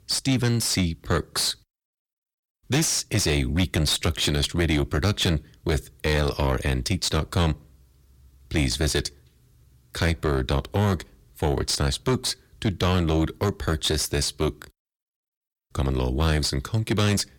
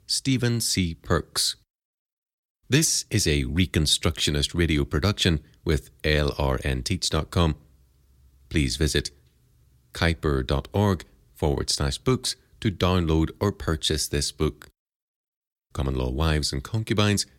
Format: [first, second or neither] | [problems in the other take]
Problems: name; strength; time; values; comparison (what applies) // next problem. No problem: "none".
second | distortion; slight; 10 dB below the speech